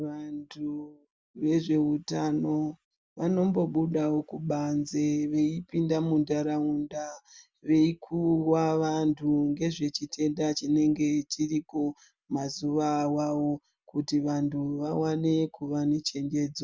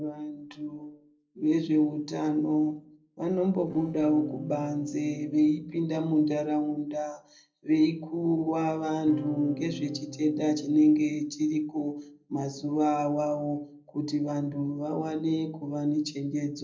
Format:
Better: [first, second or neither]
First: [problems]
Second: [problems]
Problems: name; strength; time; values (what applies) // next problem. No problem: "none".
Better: first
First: none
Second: noise reduction (neural separator model SepFormer DNS4)